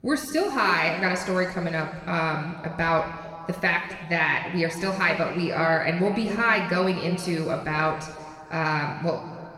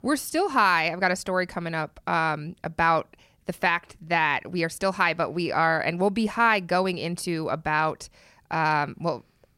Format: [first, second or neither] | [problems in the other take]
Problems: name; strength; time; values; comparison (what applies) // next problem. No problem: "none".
second | room echo; noticeable; dies away in 1.9 s // off-mic speech; somewhat distant